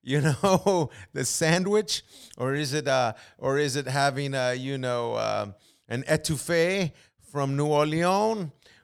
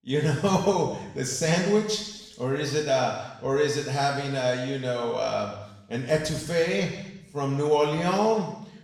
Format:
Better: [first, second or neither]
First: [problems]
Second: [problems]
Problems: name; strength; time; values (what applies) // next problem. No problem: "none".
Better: first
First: none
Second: room echo; noticeable; dies away in 0.9 s // off-mic speech; far